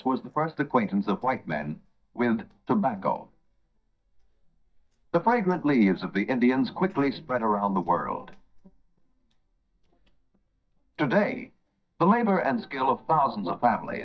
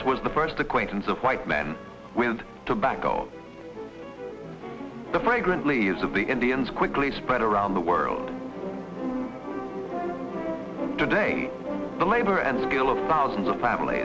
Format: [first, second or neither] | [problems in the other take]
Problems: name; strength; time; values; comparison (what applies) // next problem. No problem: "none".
second | noise reduction (neural mask model DeepFilterNet 3)